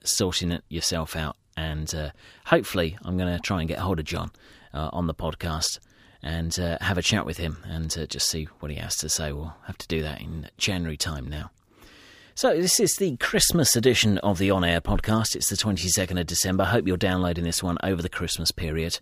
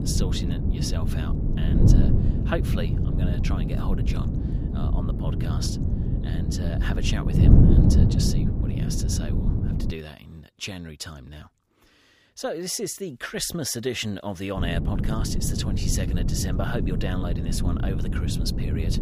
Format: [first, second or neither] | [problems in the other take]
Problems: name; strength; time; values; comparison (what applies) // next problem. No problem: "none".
first | wind noise on the microphone; heavy; until 10 s and from 15 s on; 1 dB below the speech